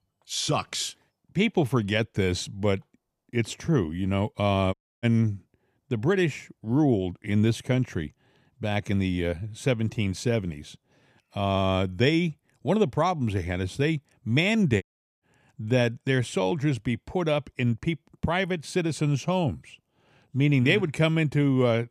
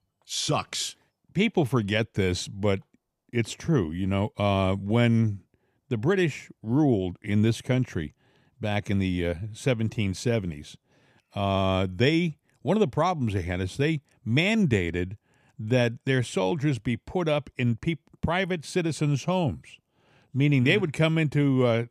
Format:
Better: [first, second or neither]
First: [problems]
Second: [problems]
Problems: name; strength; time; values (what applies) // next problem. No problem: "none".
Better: second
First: audio cutting out; at 4.5 s and at 15 s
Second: none